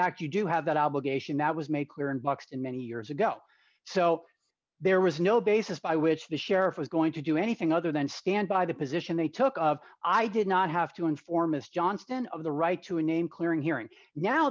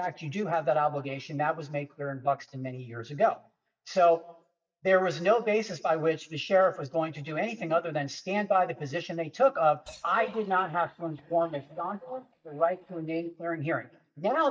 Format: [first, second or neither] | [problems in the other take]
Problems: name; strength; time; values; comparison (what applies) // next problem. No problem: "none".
first | noise reduction (neural mask model DeepFilterNet 3)